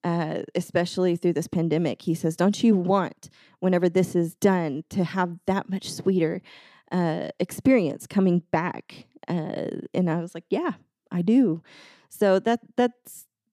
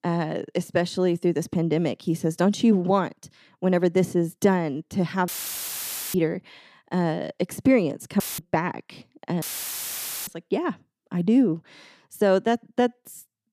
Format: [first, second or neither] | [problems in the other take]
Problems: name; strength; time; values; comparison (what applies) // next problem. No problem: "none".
first | audio cutting out; filled with static; at 5.5 s for 1 s, at 8 s and at 9.5 s for 1 s